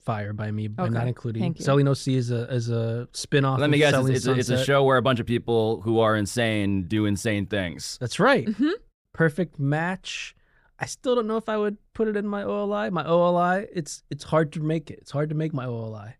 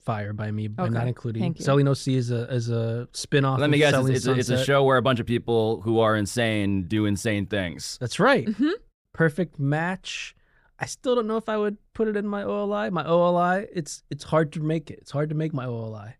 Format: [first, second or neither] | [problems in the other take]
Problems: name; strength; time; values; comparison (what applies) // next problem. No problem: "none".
neither | none